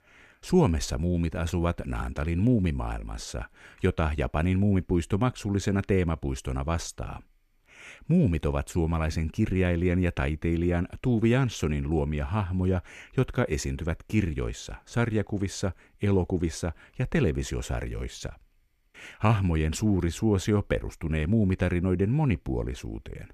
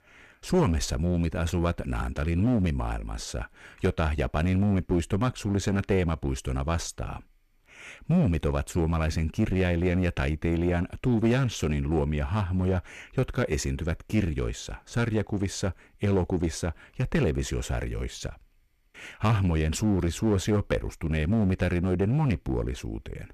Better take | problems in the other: first | distortion; slight; 5% of the sound clipped

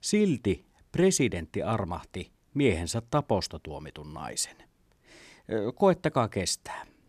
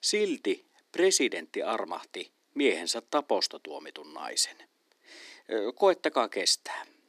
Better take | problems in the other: first | thin; somewhat; fading below 300 Hz

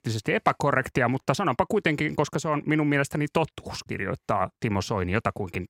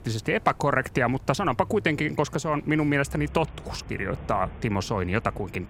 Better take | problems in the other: first | traffic noise; noticeable; throughout; 15 dB below the speech

